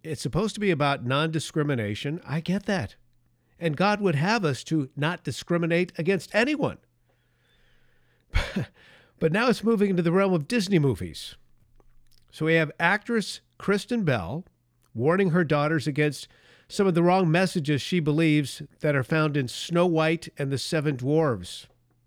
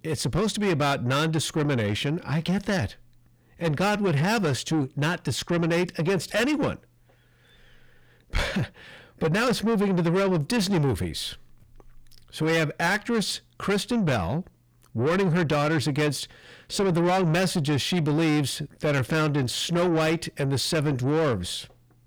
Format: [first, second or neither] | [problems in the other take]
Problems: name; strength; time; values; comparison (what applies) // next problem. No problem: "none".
first | distortion; heavy; 8 dB below the speech